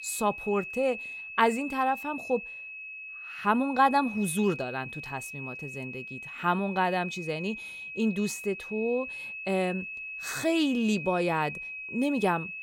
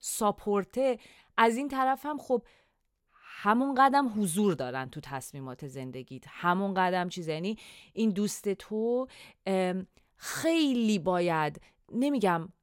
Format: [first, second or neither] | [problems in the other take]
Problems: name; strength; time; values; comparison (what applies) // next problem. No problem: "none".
second | high-pitched whine; loud; throughout; 2.5 kHz, 9 dB below the speech